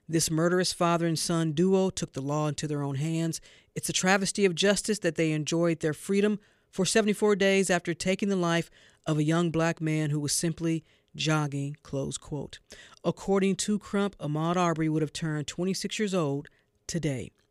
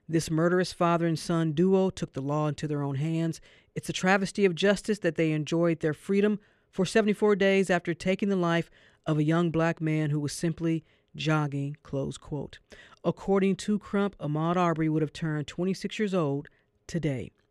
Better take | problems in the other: first | muffled; slightly; fading above 4 kHz

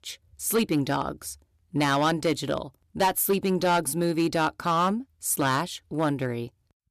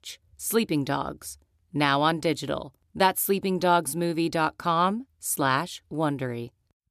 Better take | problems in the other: second | distortion; slight; 4% of the sound clipped

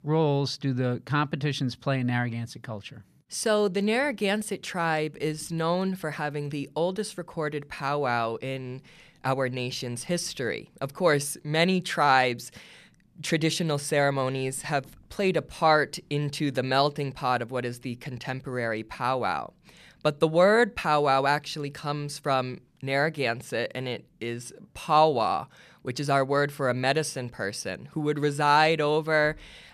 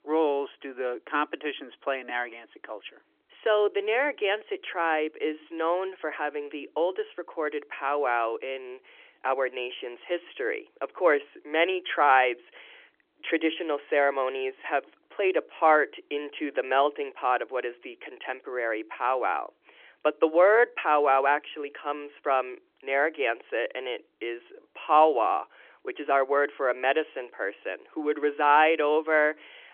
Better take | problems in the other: first | phone-call audio; nothing above 3.5 kHz

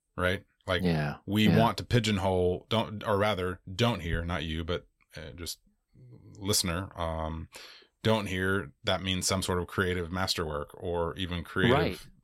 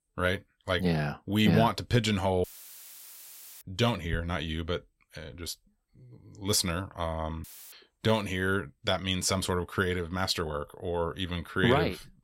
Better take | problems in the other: first | audio cutting out; filled with static; at 2.5 s for 1 s and at 7.5 s

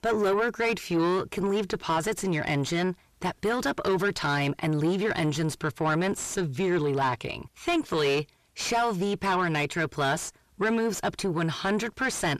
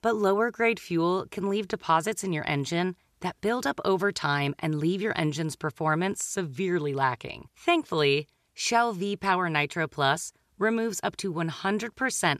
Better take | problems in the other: second | distortion; heavy; 7 dB below the speech

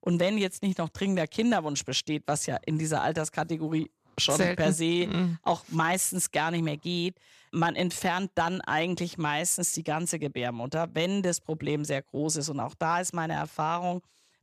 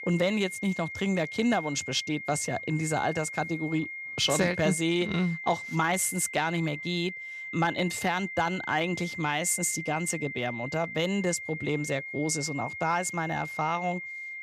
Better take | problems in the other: first | high-pitched whine; loud; throughout; 2 kHz, 8 dB below the speech

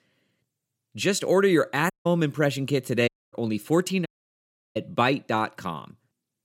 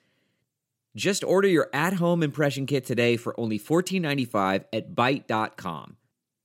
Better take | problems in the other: second | audio cutting out; at 2 s, at 3 s and at 4 s for 0.5 s

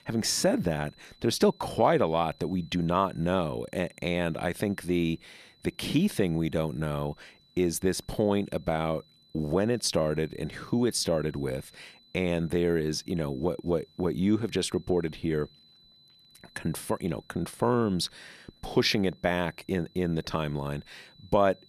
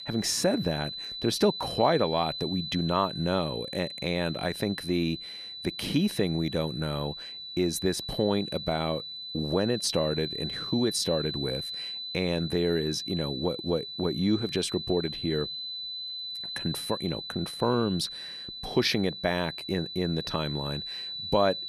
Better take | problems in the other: first | high-pitched whine; loud; throughout; 4 kHz, 6 dB below the speech; faint in the first

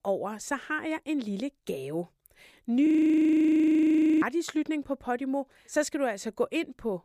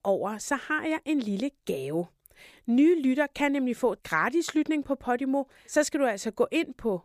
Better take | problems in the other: second | audio freezing; at 3 s for 1.5 s

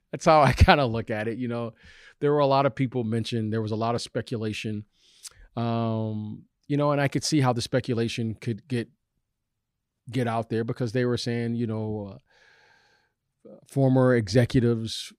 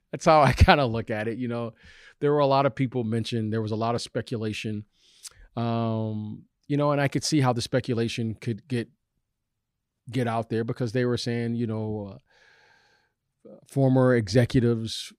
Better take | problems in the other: neither | none

